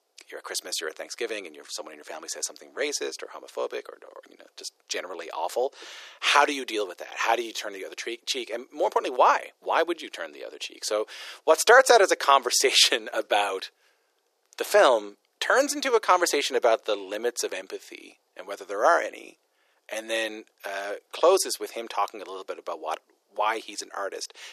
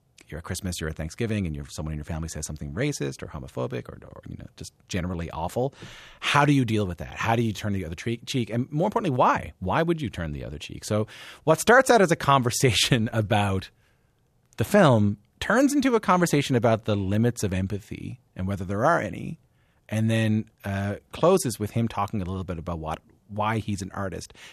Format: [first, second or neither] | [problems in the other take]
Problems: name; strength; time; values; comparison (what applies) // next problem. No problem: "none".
second | thin; very; fading below 350 Hz